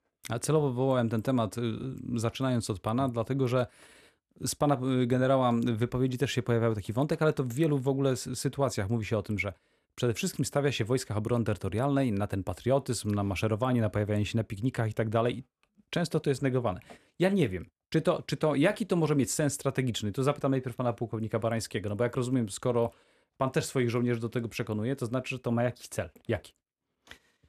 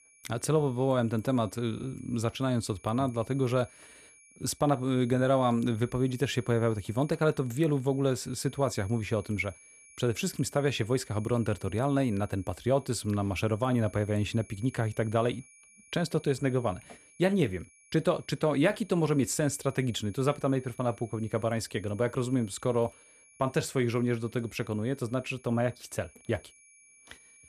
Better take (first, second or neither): first